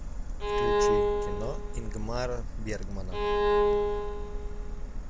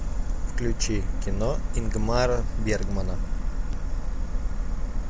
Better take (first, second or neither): second